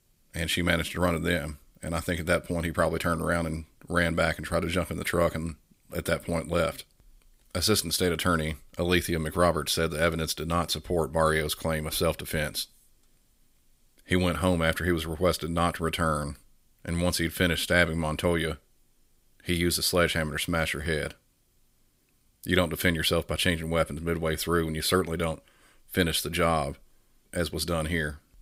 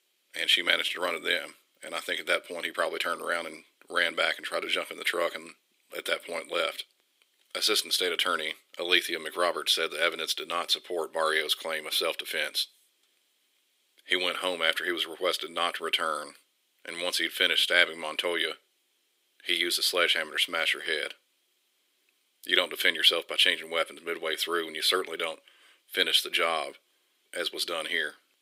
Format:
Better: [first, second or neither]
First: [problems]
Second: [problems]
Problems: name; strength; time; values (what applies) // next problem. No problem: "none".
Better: first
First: none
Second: thin; very; fading below 350 Hz